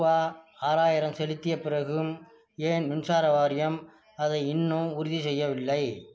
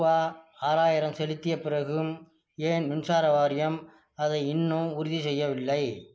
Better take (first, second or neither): first